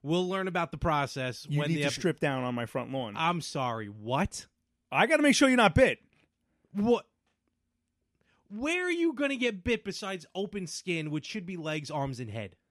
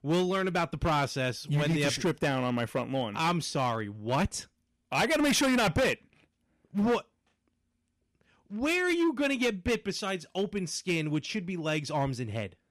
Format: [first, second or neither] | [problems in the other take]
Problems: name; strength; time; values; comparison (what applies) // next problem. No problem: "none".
first | distortion; heavy; 9% of the sound clipped